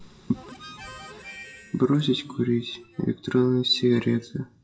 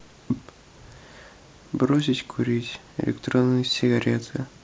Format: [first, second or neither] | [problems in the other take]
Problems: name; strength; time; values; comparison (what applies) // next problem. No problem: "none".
second | noise reduction (classical method WPE with log-MMSE)